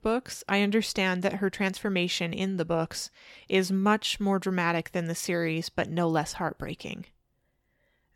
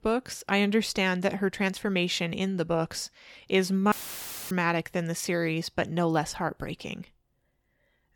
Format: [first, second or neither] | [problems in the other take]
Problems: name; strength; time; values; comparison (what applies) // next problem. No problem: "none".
first | audio cutting out; filled with static; at 4 s for 0.5 s